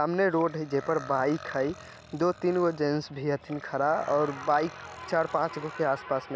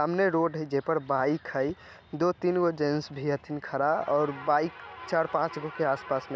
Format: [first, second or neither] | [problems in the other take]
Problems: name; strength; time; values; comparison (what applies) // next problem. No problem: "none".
second | background sound (Burping, eructation); 19 dB below the speech